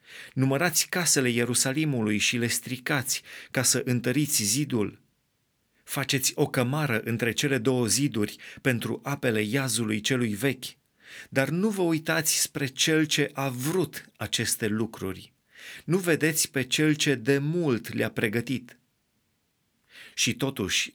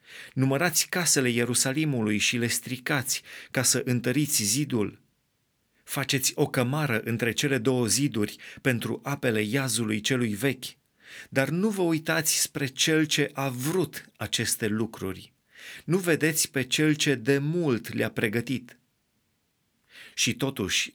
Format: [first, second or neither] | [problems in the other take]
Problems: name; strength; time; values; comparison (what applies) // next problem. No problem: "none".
neither | none